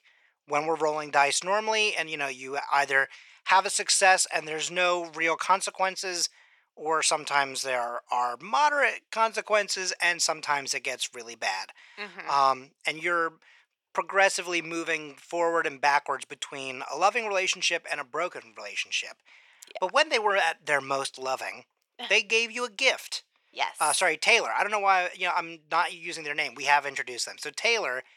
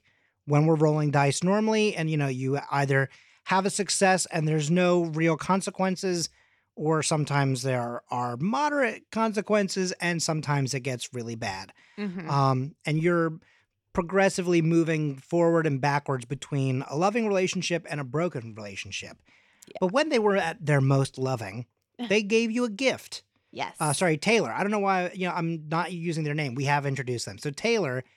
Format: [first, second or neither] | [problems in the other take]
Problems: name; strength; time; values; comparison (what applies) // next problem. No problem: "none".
second | thin; very; fading below 800 Hz